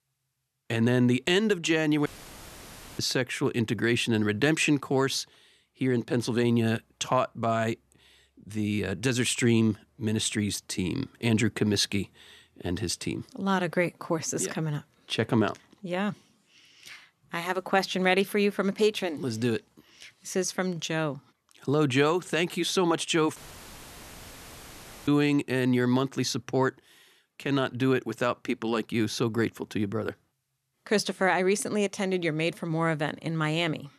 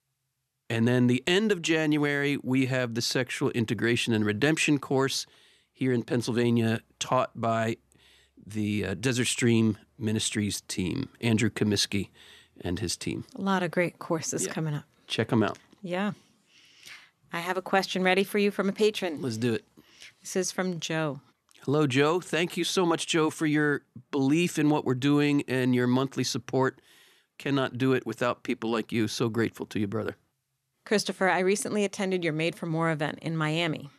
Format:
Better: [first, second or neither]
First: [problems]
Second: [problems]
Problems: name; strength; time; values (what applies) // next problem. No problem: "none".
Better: second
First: audio cutting out; filled with static; at 2 s for 1 s and at 23 s for 1.5 s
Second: none